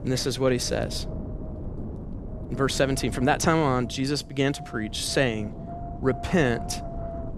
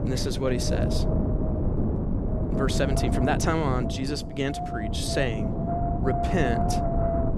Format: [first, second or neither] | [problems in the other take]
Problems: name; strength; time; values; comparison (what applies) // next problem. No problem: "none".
first | wind noise on the microphone; heavy; 2 dB below the speech; occasional gusts in the first